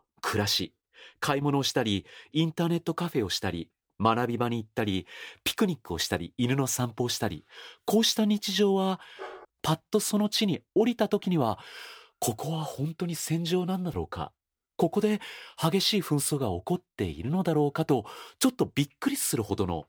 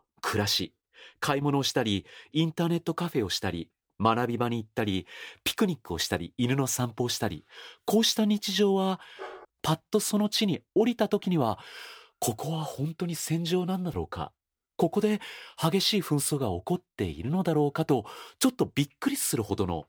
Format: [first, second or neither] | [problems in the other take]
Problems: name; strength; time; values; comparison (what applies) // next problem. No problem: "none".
neither | dog barking; faint; at 9 s; peak 15 dB below the speech; the same in both